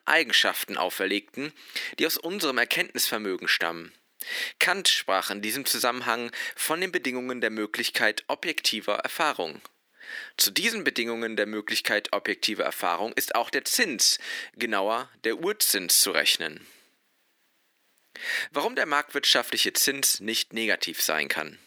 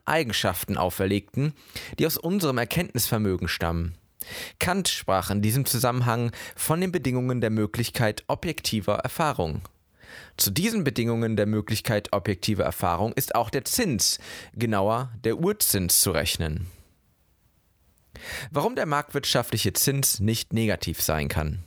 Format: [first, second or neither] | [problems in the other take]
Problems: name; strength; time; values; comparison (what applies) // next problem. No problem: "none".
second | thin; somewhat; fading below 300 Hz